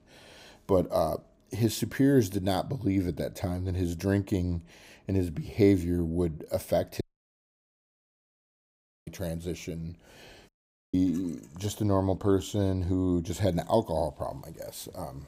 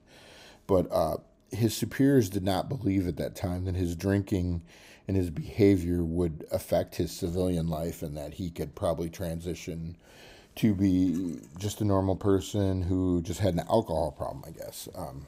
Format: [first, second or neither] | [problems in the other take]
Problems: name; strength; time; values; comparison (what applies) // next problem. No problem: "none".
second | audio cutting out; at 7 s for 2 s and at 10 s